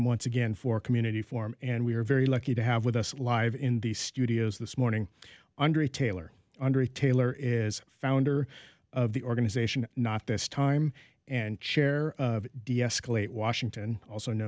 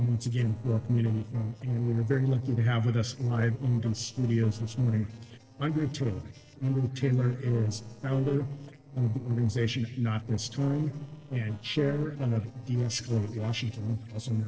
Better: first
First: none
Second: noise reduction (neural separator model SepFormer DNS4)

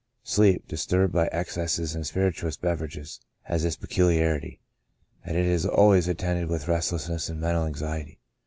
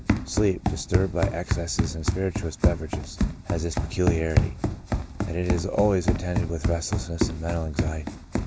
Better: first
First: none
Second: background sound (Run); 1 dB above the speech

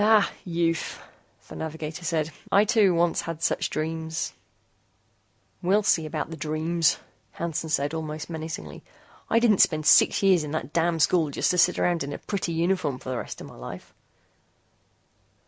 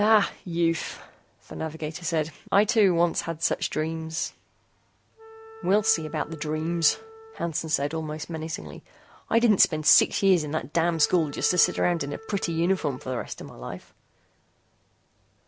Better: first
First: none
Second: background sound (Wind instrument, woodwind instrument); 19 dB below the speech

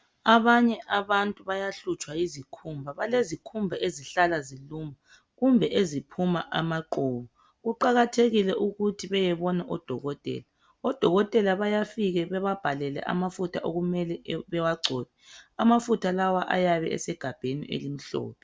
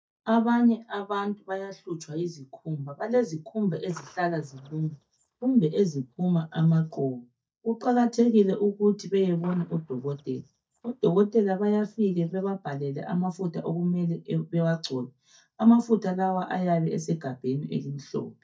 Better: first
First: none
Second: noise reduction (neural mask model DeepFilterNet 3)

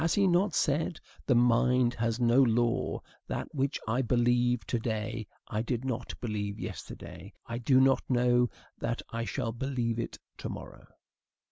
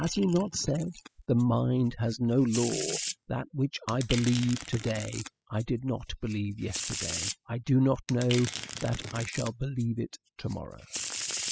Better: first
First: none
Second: noise reduction (classical method spectral subtraction)

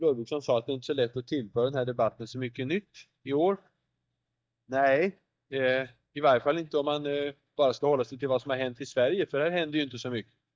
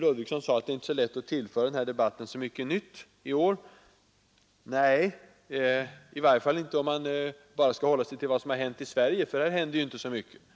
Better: second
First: noise reduction (neural mask model DeepFilterNet 3)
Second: none

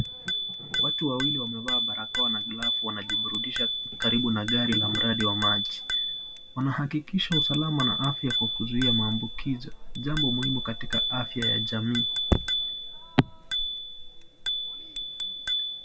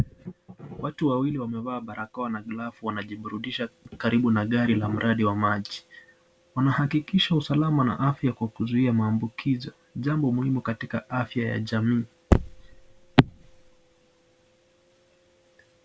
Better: second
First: background sound (Bicycle bell); 1 dB above the speech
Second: none

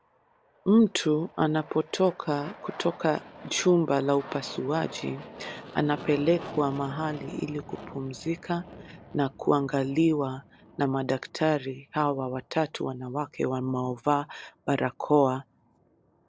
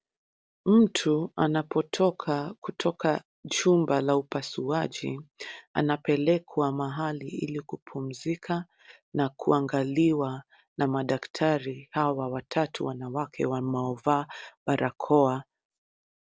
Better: second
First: background sound (Aircraft); 19 dB below the speech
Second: none

